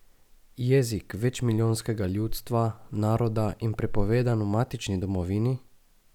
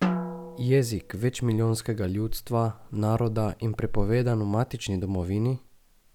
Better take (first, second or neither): first